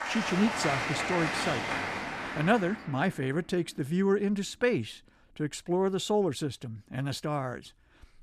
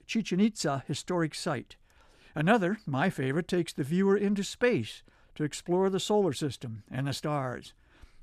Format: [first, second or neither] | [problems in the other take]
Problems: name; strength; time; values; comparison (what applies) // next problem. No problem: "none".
second | crowd noise; loud; until 2 s; 2 dB below the speech